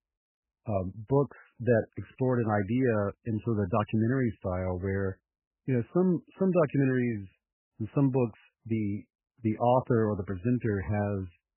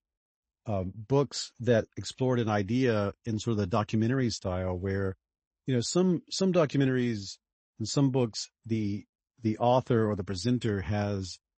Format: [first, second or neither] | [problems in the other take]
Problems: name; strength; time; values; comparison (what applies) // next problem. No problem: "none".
second | garbled, watery; badly; nothing above 3 kHz; slightly in the second